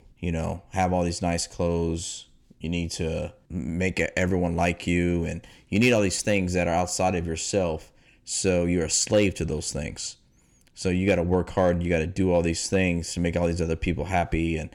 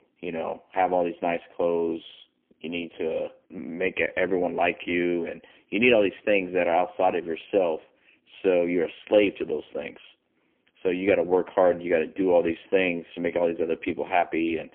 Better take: first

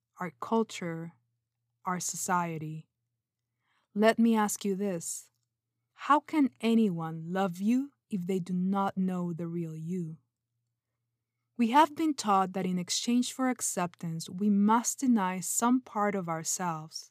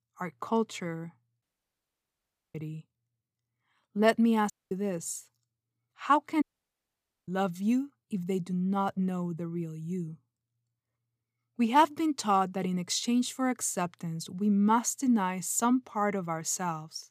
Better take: first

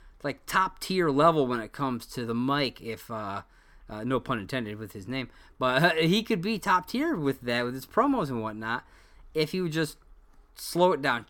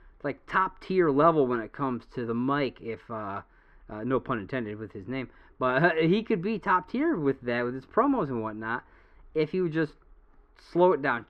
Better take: first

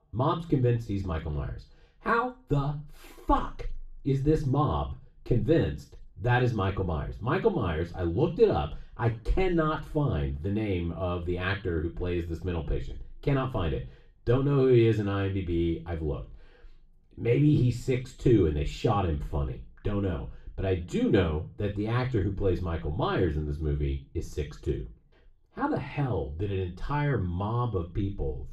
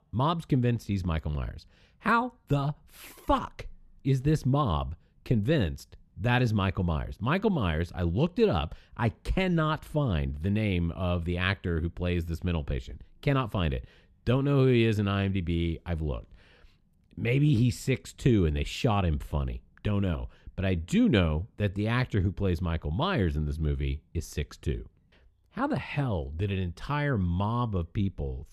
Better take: second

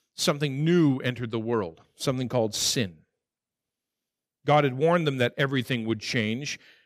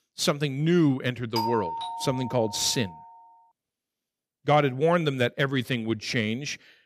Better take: first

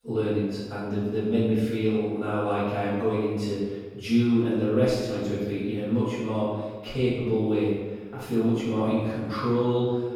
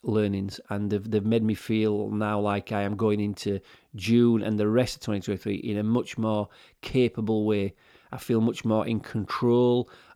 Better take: second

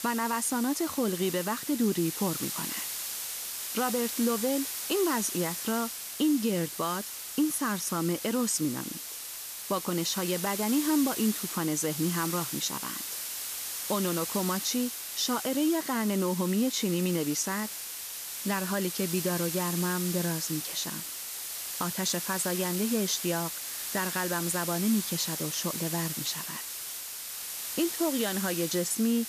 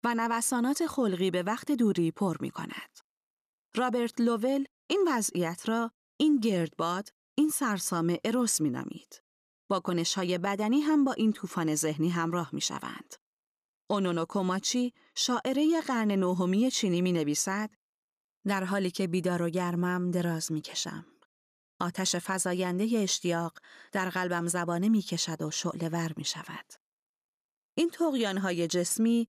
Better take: second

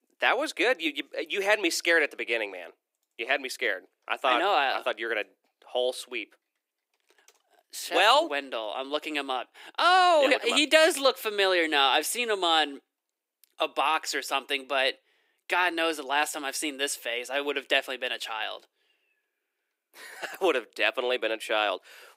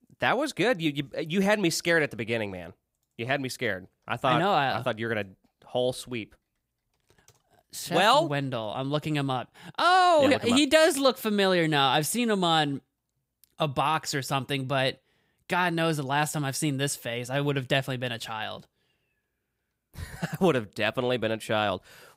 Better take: second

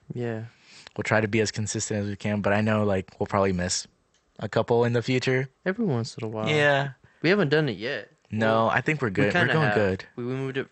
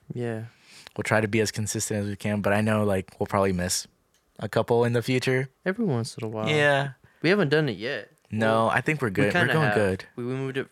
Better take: second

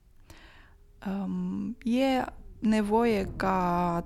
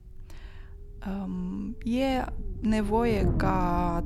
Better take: first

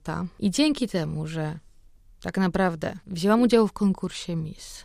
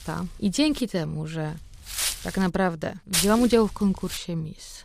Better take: first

